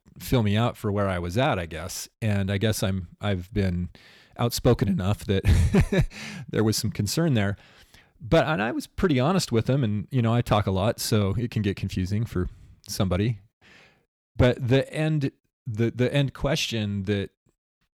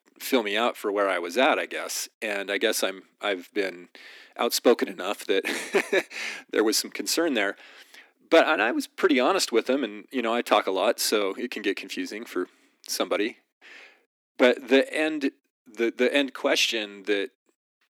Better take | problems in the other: first | thin; somewhat; fading below 250 Hz

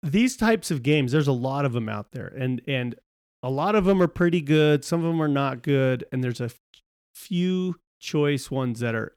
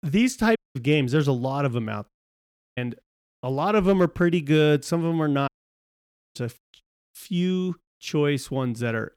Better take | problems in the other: first | audio cutting out; at 0.5 s, at 2 s for 0.5 s and at 5.5 s for 1 s

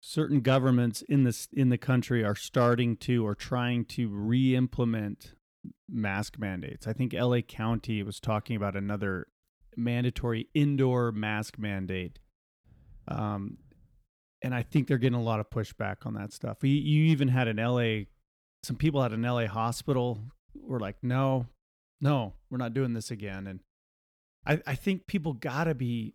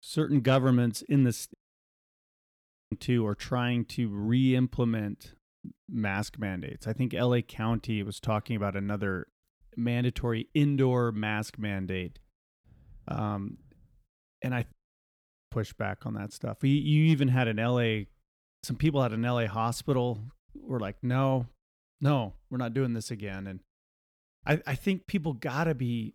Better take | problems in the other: first | audio cutting out; at 1.5 s for 1.5 s and at 15 s for 1 s

